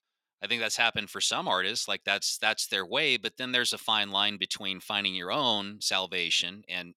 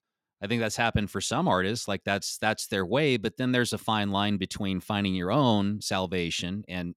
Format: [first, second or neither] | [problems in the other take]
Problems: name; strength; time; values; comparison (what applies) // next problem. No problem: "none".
second | thin; somewhat; fading below 1 kHz